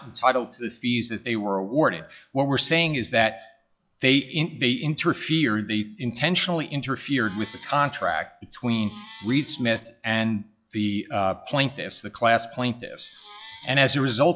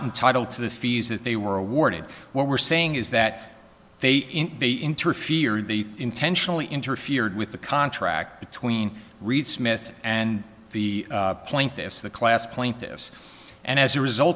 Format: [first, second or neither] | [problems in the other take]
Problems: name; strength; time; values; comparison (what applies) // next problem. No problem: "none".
second | noise reduction (classical method log-MMSE)